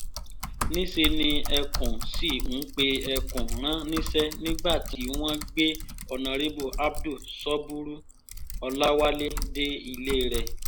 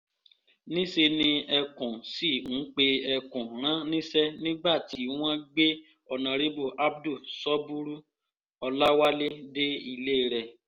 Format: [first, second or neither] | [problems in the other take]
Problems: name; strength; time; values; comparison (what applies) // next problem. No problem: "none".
second | background sound (Typing); 2 dB below the speech